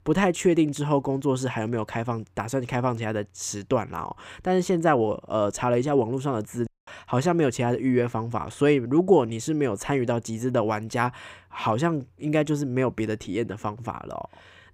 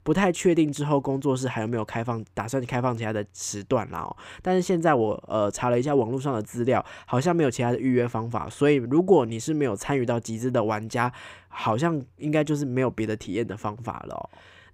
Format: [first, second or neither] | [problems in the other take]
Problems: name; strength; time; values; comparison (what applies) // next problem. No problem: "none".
second | audio cutting out; at 6.5 s